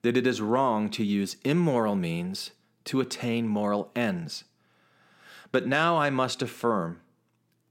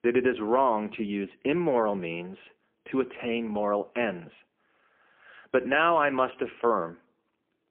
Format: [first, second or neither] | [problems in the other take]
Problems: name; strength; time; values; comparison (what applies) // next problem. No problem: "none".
first | phone-call audio; poor line